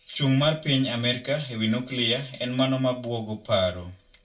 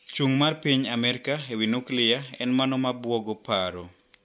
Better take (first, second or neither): second